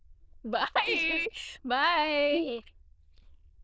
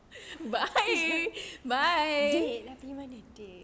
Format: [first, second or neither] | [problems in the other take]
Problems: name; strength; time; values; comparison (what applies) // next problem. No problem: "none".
second | noise reduction (neural diffusion model UNIVERSE++)